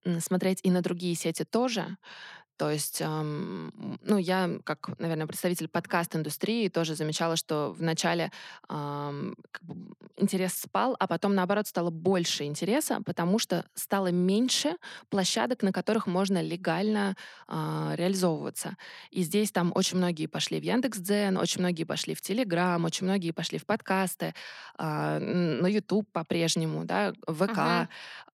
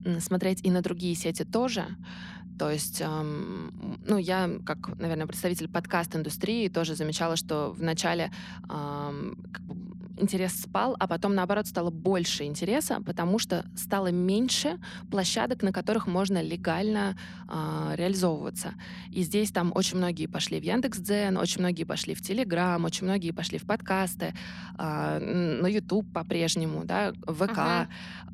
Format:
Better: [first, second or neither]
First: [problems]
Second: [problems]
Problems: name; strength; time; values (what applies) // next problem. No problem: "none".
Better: first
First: none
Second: low rumble; faint; throughout; 20 dB below the speech